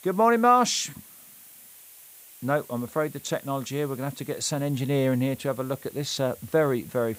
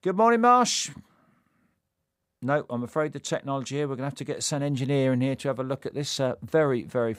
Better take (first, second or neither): second